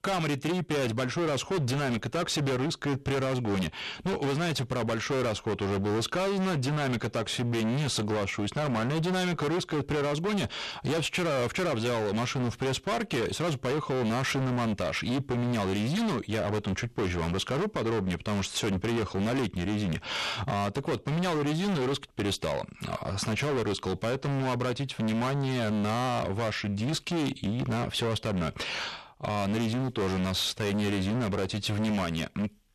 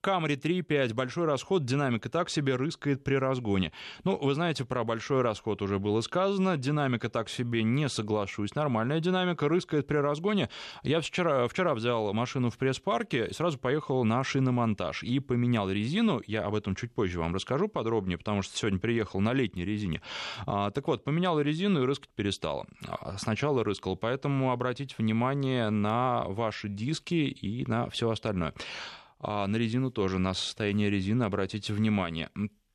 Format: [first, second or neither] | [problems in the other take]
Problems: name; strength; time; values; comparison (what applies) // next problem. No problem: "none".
second | distortion; heavy; 34% of the sound clipped